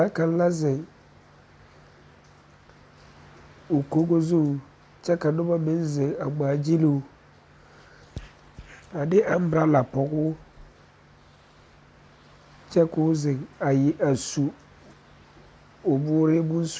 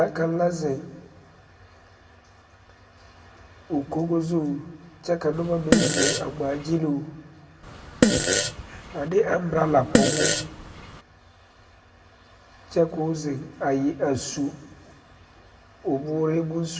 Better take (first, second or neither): first